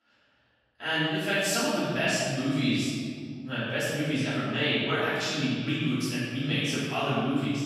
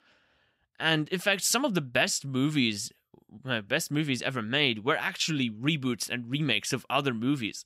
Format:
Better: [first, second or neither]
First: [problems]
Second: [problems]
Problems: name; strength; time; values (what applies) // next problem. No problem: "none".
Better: second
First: room echo; strong; dies away in 1.8 s // off-mic speech; far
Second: none